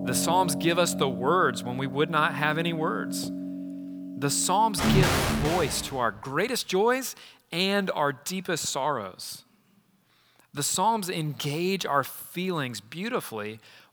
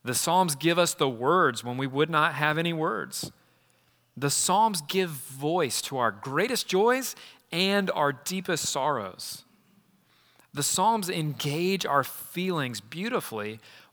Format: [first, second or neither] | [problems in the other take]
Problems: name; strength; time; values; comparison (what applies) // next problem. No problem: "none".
second | background music; loud; until 5.5 s; 4 dB below the speech